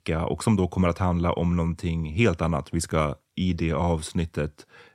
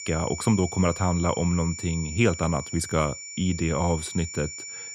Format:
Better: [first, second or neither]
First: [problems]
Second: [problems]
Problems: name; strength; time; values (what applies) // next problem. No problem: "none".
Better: first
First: none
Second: high-pitched whine; loud; throughout; 7 kHz, 9 dB below the speech